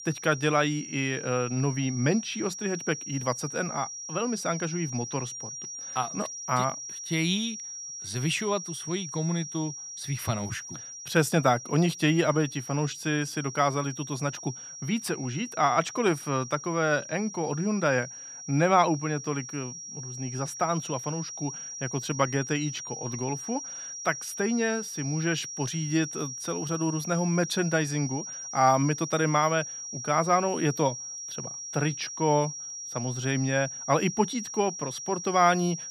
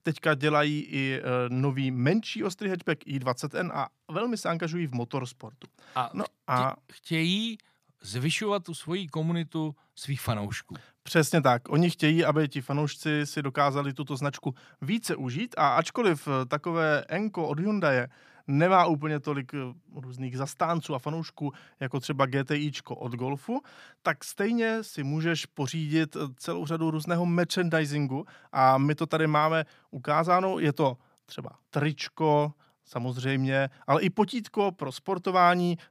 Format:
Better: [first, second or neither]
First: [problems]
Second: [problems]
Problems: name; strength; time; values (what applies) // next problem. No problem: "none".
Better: second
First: high-pitched whine; loud; throughout; 5.5 kHz, 8 dB below the speech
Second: none